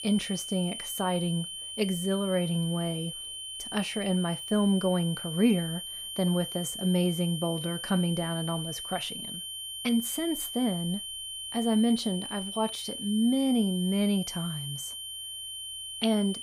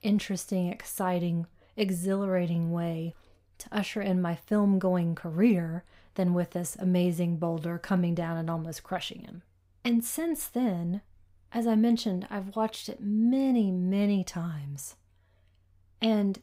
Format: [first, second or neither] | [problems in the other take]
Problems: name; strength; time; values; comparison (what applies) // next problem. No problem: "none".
second | high-pitched whine; loud; throughout; 3 kHz, 6 dB below the speech